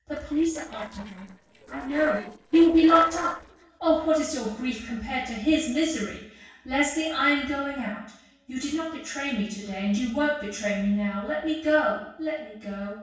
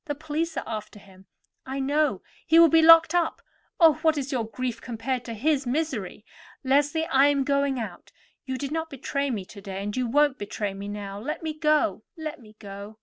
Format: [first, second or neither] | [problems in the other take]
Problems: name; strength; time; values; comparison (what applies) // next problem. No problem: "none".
second | noise reduction (neural separator model SepFormer DNS4)